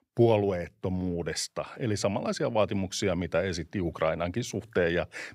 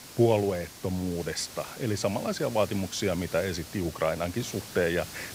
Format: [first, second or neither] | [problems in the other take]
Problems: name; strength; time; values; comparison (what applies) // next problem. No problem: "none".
first | hiss; noticeable; throughout; 15 dB below the speech